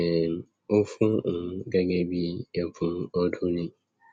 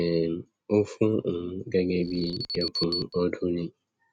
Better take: first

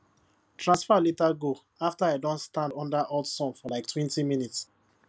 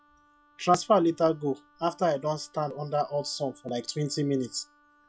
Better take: first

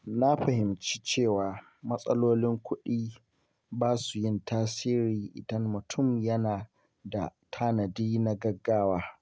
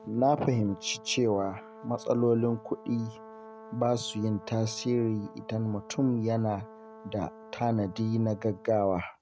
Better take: first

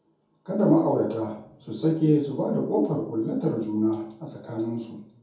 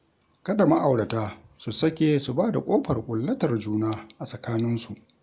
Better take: second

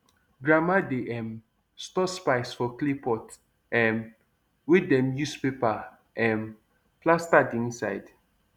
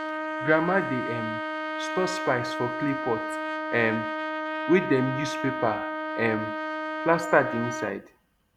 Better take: first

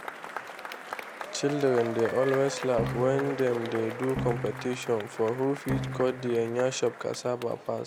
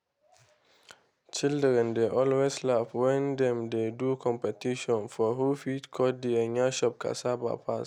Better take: second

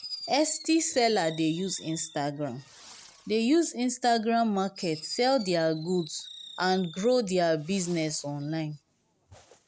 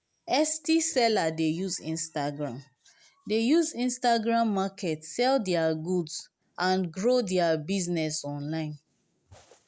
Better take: second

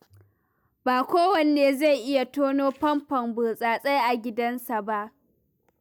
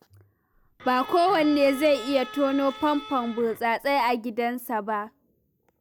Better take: first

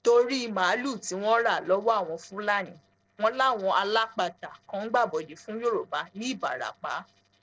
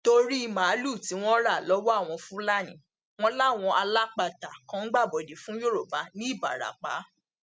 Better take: second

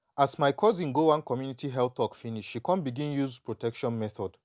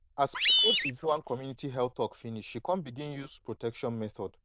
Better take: first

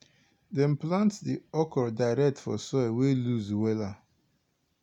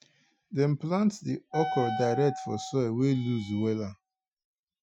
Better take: first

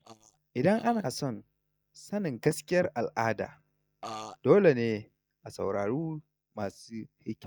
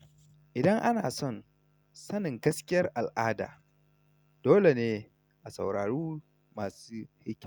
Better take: second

